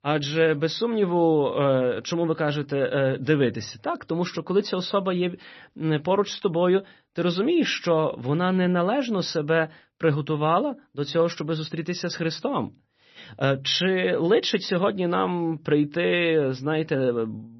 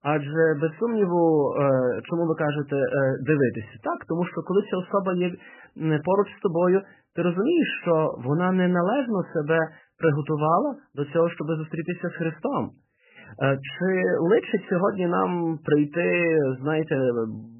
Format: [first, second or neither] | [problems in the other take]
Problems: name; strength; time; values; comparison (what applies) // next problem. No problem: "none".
first | garbled, watery; badly; nothing above 3 kHz; slightly in the first